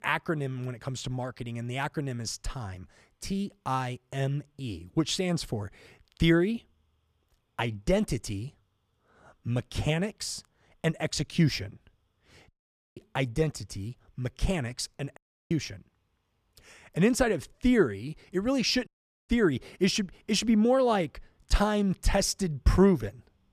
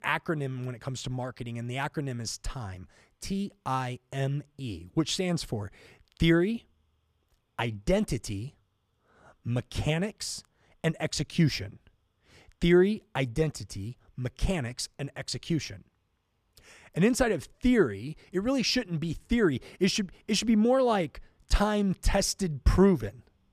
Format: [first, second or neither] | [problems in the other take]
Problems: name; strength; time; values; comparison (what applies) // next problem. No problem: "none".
second | audio cutting out; at 12 s, at 15 s and at 19 s